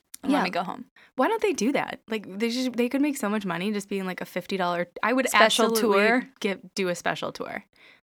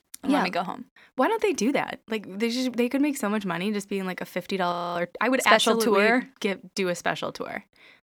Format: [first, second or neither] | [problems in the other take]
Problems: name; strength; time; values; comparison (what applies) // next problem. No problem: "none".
first | audio freezing; at 4.5 s